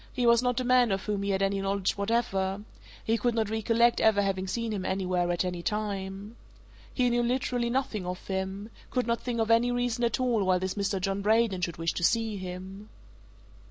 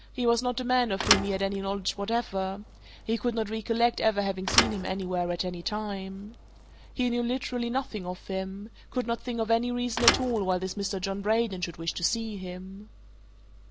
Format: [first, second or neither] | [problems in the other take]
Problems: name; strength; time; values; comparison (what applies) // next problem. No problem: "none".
first | background sound (Thump, thud); 4 dB below the speech